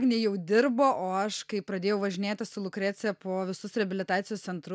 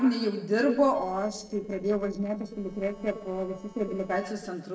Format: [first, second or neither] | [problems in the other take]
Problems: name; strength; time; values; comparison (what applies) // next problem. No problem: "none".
first | noise reduction (neural separator model SepFormer DNS4)